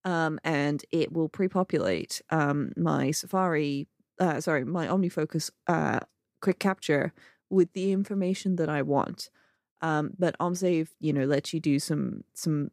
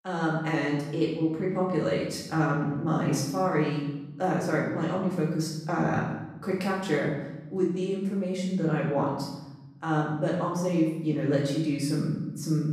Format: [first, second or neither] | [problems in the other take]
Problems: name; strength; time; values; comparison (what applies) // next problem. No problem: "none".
first | room echo; noticeable; dies away in 1 s // off-mic speech; far